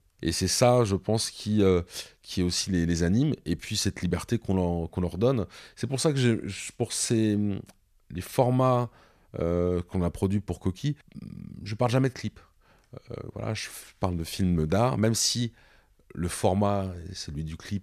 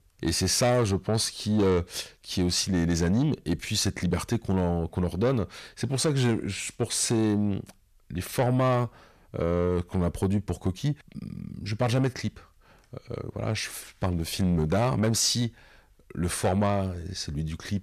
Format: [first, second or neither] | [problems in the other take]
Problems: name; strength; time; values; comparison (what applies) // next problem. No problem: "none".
first | distortion; slight; 10 dB below the speech